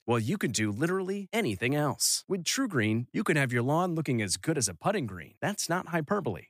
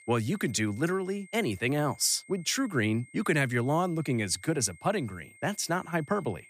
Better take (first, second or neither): first